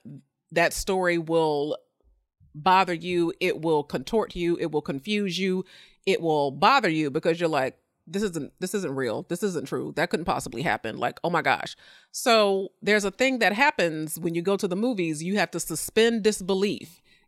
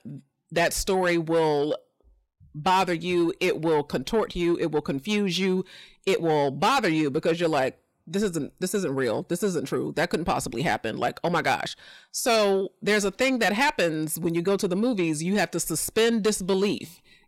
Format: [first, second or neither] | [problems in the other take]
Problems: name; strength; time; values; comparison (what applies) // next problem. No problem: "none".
first | distortion; slight; 10 dB below the speech